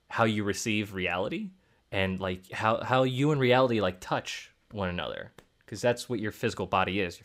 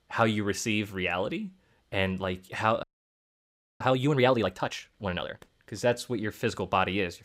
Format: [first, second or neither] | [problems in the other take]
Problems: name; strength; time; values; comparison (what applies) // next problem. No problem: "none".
first | audio freezing; at 3 s for 1 s